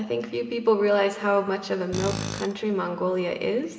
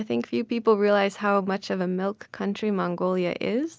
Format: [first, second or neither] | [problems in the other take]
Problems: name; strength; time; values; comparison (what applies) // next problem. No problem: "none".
second | background sound (Tools); 9 dB below the speech // room echo; dies away in 2.8 s